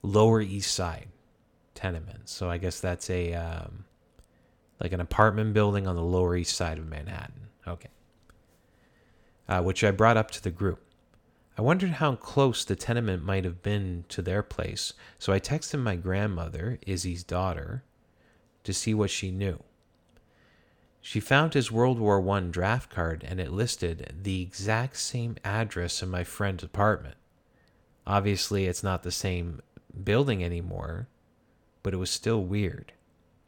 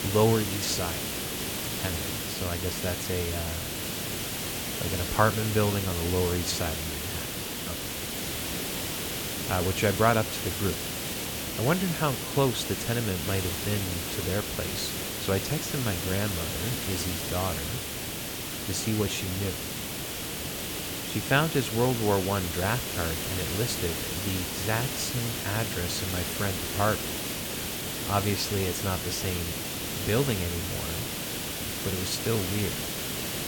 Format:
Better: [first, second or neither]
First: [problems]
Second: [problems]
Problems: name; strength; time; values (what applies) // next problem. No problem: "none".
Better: first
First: none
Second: hiss; loud; throughout; 1 dB below the speech